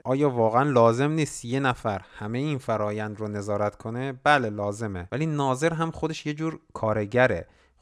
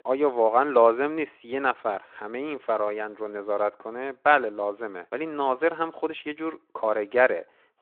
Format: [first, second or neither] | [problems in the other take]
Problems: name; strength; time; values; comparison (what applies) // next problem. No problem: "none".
first | phone-call audio; nothing above 3.5 kHz